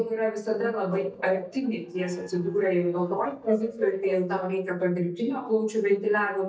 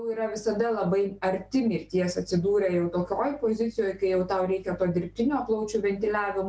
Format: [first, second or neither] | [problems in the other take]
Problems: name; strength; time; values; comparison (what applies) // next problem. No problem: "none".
second | noise reduction (neural mask model DeepFilterNet 3)